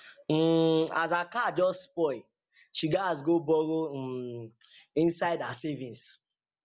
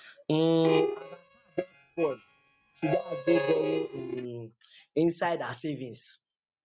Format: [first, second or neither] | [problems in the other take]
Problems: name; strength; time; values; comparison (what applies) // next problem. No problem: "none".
first | noise reduction (neural mask model RNNoise)